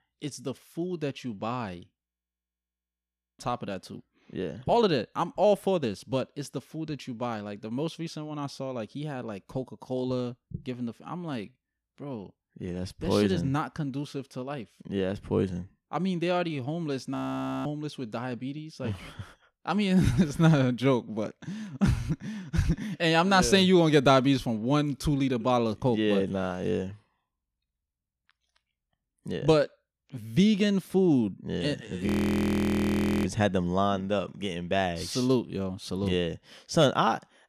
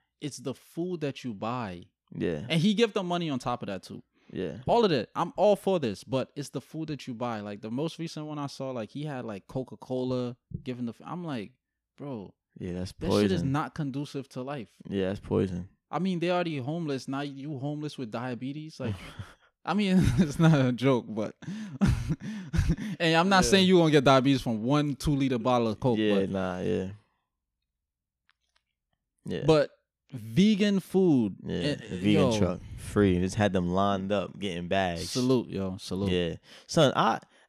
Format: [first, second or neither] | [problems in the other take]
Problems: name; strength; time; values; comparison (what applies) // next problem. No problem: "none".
second | audio freezing; at 2 s for 1.5 s, at 17 s for 0.5 s and at 32 s for 1 s